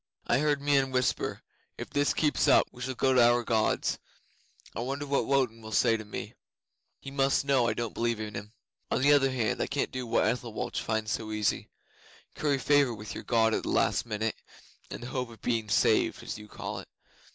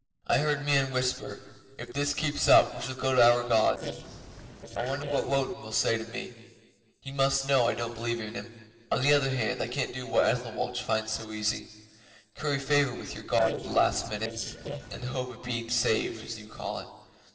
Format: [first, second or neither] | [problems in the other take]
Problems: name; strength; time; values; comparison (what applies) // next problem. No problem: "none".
first | noise reduction (neural separator model SepFormer DNS4)